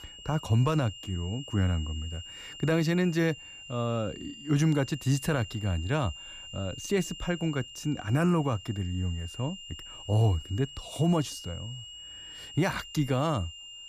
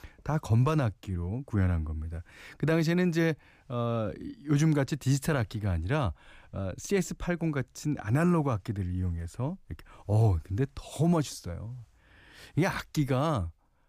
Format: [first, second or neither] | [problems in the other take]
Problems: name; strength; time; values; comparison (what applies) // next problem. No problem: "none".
second | high-pitched whine; noticeable; throughout; 3 kHz, 15 dB below the speech